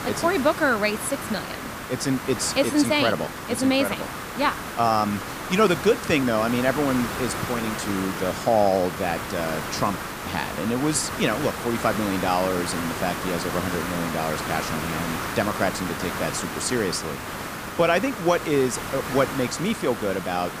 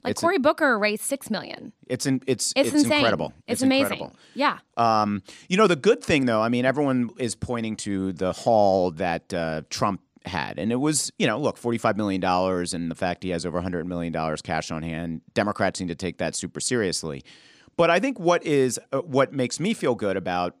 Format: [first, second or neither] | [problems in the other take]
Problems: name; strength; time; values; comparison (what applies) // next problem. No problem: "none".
second | hiss; loud; throughout; 6 dB below the speech